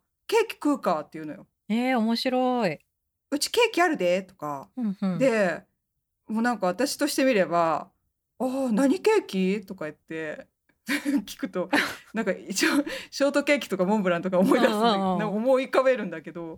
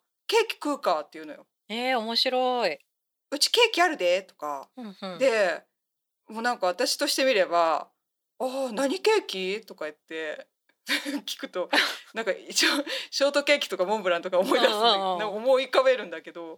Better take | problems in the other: first | thin; somewhat; fading below 450 Hz

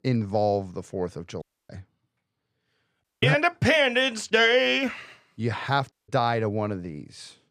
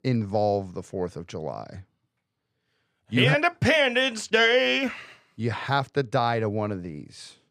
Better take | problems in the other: second | audio cutting out; at 1.5 s, at 3 s and at 6 s

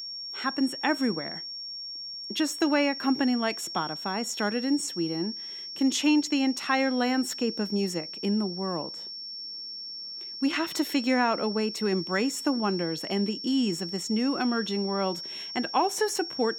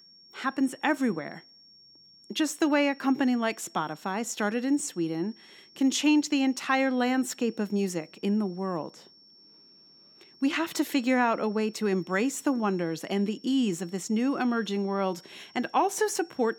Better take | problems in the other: second | high-pitched whine; loud; throughout; 5.5 kHz, 7 dB below the speech; faint in the second

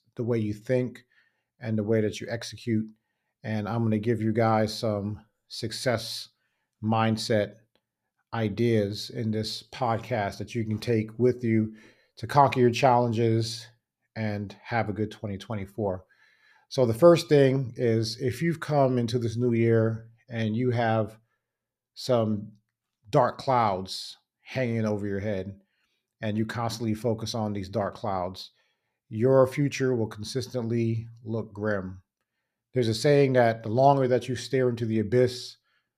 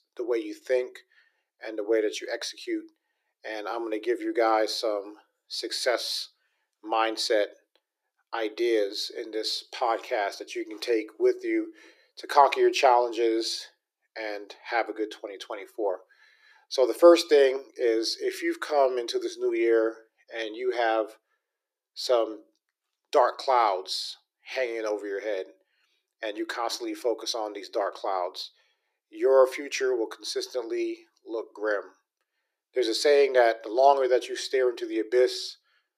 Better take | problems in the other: first | thin; very; fading below 350 Hz

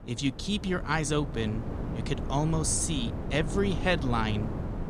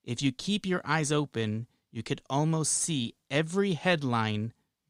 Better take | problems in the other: second | wind noise on the microphone; occasional gusts; 10 dB below the speech

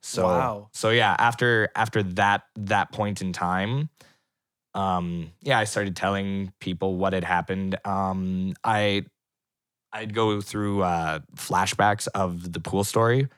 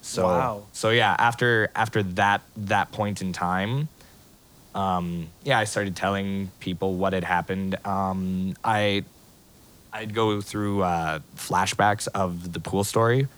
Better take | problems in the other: first | hiss; faint; throughout; 25 dB below the speech

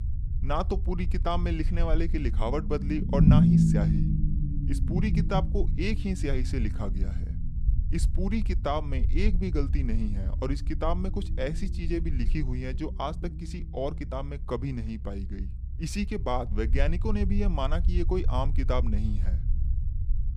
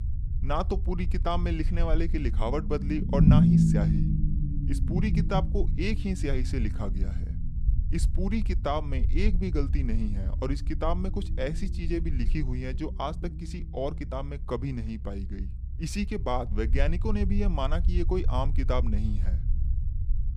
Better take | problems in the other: neither | low rumble; loud; throughout; 6 dB below the speech; the same in both

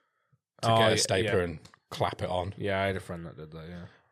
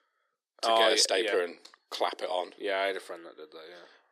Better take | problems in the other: first | thin; very; fading below 300 Hz

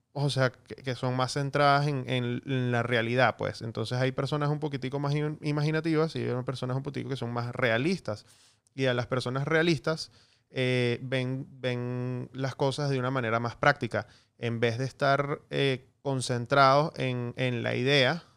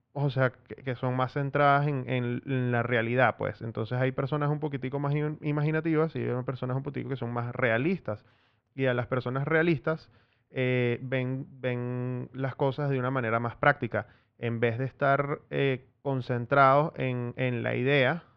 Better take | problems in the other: first | muffled; very; fading above 3 kHz

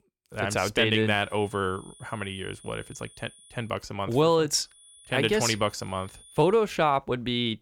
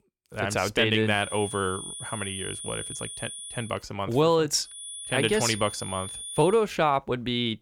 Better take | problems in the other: first | high-pitched whine; loud; from 1 to 3.5 s and from 4.5 to 6.5 s; 9.5 kHz, 10 dB below the speech; faint in the first

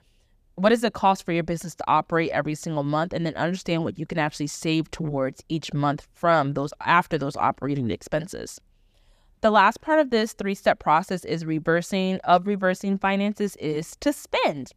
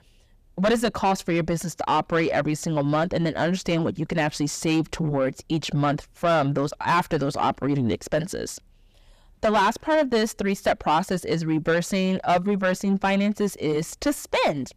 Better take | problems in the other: first | distortion; heavy; 7 dB below the speech

